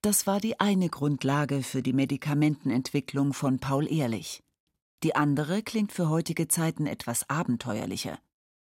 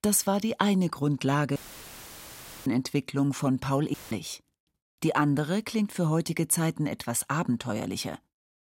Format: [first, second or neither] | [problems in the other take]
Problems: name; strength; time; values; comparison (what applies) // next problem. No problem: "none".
first | audio cutting out; filled with static; at 1.5 s for 1 s and at 4 s